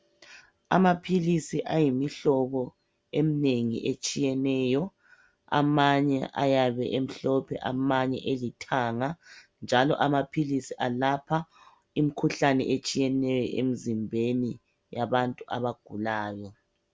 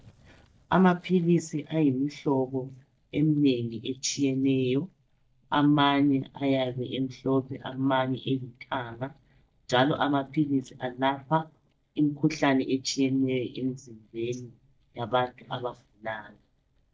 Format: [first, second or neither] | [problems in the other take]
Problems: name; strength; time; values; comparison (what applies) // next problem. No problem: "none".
first | noise reduction (neural mask model DeepFilterNet 3)